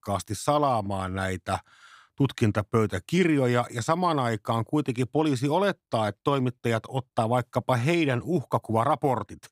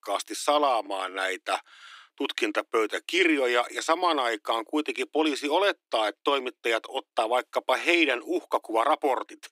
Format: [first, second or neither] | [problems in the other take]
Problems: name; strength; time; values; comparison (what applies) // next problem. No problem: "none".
first | thin; somewhat; fading below 300 Hz